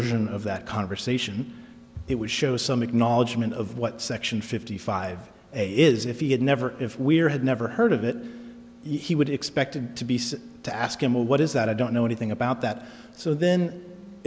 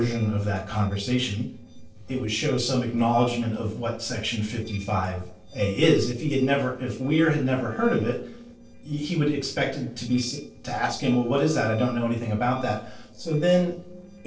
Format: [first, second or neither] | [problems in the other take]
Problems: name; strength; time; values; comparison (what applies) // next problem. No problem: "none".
first | noise reduction (neural separator model SepFormer DNS4)